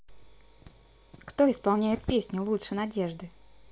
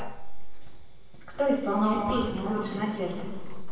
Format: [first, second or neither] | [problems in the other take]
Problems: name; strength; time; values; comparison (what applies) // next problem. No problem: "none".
first | background sound (Sliding door); 10 dB below the speech // room echo; dies away in 1.1 s